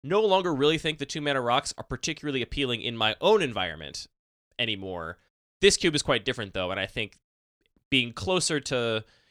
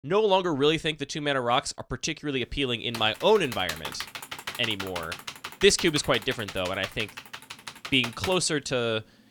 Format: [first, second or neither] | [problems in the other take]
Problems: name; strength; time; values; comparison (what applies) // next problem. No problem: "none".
first | keyboard typing; noticeable; from 3 to 8.5 s; peak 8 dB below the speech